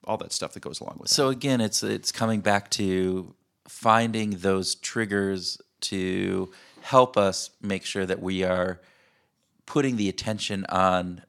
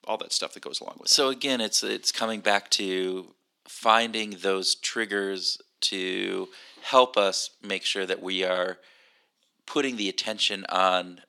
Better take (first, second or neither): first